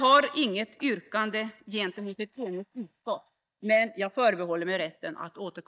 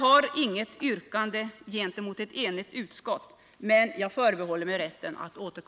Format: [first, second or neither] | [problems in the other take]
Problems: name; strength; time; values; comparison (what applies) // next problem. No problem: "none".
second | noise reduction (neural mask model DeepFilterNet 3)